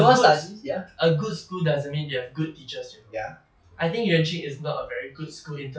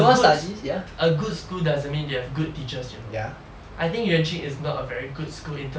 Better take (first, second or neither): second